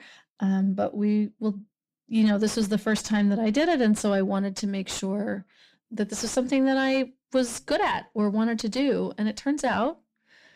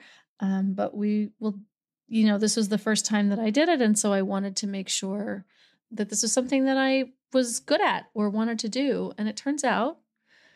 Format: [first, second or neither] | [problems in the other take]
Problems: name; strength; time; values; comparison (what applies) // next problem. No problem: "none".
second | distortion; slight; 10 dB below the speech